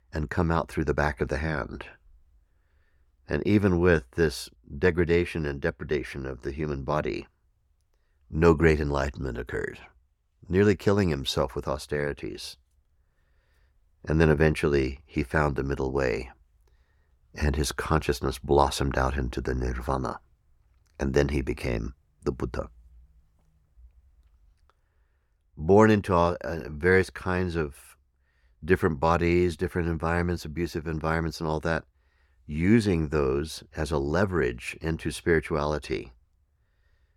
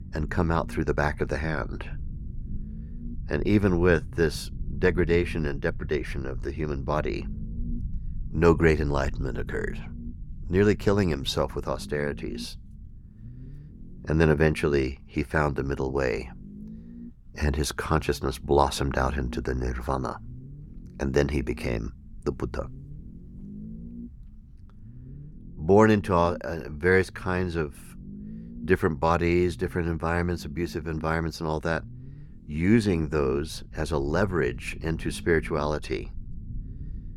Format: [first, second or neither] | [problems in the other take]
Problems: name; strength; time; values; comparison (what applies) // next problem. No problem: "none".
first | low rumble; faint; throughout; 25 dB below the speech